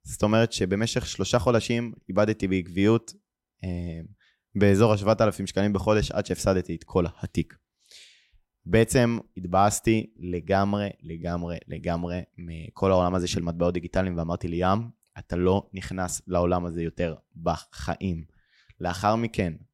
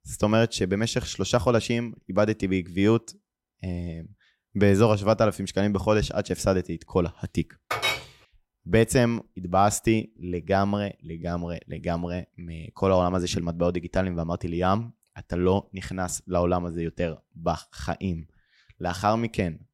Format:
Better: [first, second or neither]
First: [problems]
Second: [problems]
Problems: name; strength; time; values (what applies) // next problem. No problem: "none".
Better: first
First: none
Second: clattering dishes; loud; at 7.5 s; peak level with the speech